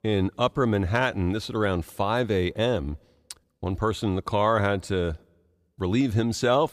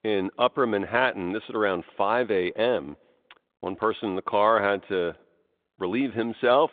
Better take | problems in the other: first | phone-call audio; nothing above 3.5 kHz

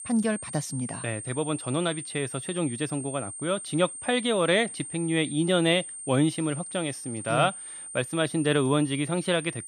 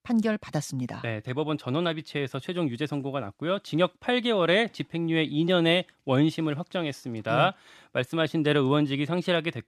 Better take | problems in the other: second | high-pitched whine; loud; throughout; 8.5 kHz, 9 dB below the speech

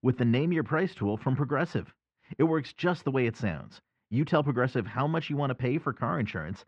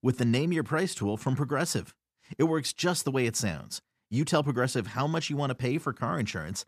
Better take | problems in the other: second | muffled; very; fading above 2.5 kHz

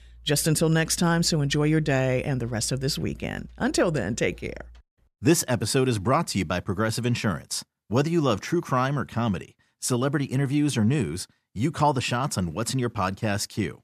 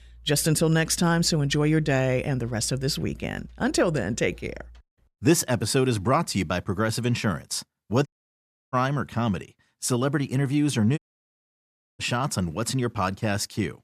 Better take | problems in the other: first | audio cutting out; at 8 s for 0.5 s and at 11 s for 1 s

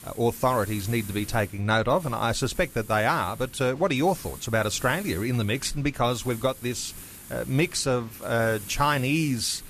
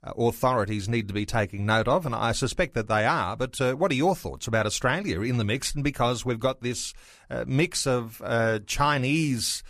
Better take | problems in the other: second | hiss; noticeable; throughout; 15 dB below the speech

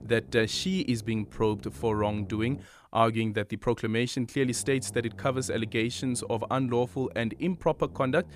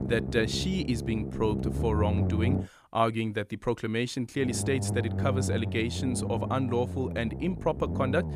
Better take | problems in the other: first | low rumble; loud; until 2.5 s and from 4.5 s on; 9 dB below the speech; faint in the first

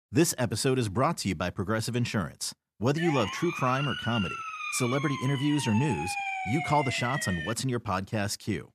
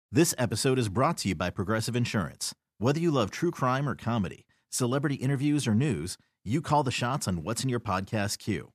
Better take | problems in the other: second | siren; noticeable; from 3 to 7.5 s; peak 3 dB below the speech

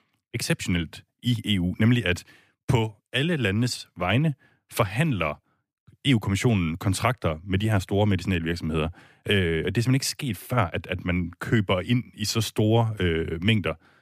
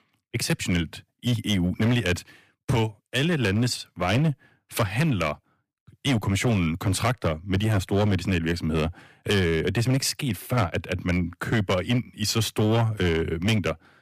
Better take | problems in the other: first | distortion; slight; 9% of the sound clipped

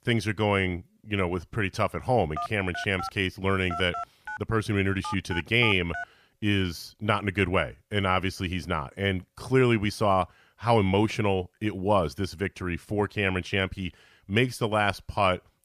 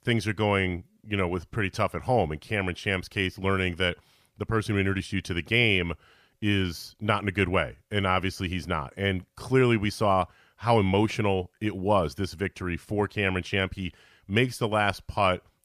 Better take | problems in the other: second | phone ringing; noticeable; from 2.5 to 6 s; peak 8 dB below the speech

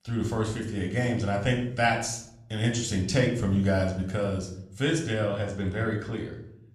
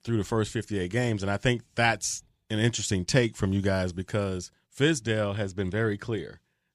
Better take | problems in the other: second | room echo; slight; dies away in 0.5 s // off-mic speech; somewhat distant

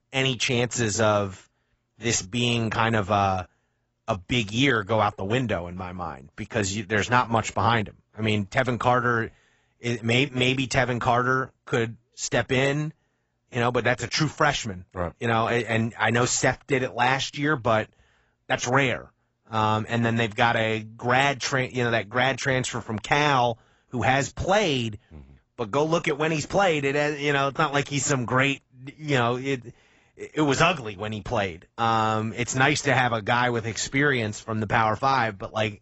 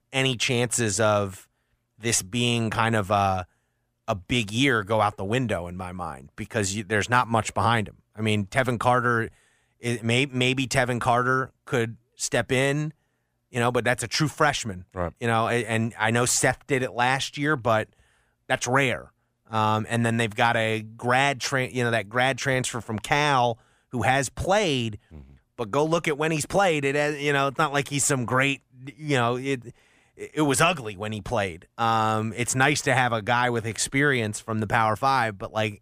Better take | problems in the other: second | garbled, watery; badly; nothing above 8 kHz

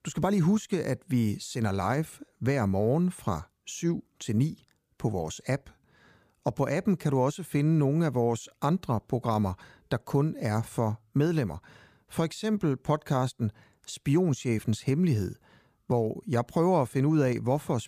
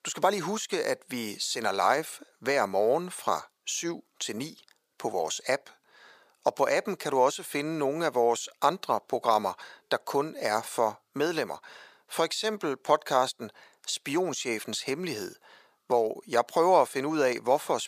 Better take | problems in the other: first | thin; very; fading below 600 Hz

